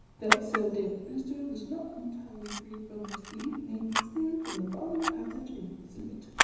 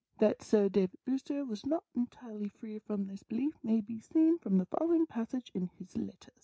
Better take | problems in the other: second | background sound (Camera); as loud as the speech // room echo; dies away in 1.1 s

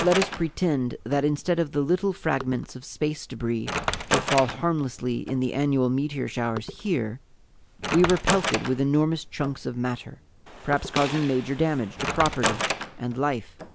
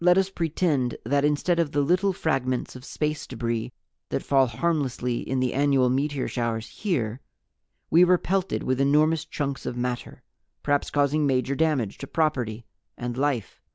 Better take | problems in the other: second | background sound (Wood + Gunshot, gunfire); 7 dB below the speech

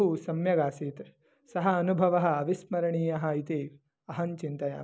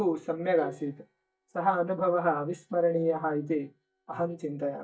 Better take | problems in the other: first | noise reduction (neural mask model DeepFilterNet 3)

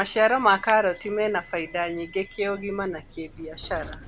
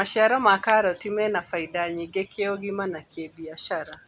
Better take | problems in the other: second | background sound (Subway, metro, underground); 20 dB below the speech

